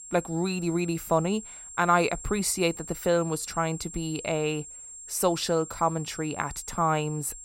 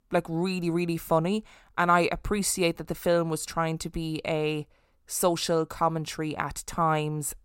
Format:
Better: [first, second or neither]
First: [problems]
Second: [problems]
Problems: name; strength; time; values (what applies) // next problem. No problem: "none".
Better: second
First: high-pitched whine; noticeable; throughout; 7.5 kHz, 15 dB below the speech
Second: none